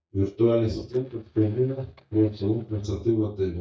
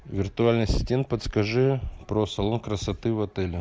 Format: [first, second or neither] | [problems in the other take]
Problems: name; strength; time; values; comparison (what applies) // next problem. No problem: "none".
second | noise reduction (neural mask model DeepFilterNet 3)